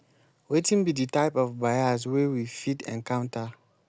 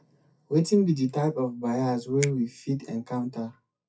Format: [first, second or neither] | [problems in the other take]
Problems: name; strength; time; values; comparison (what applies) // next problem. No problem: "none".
first | noise reduction (classical method WPE with log-MMSE)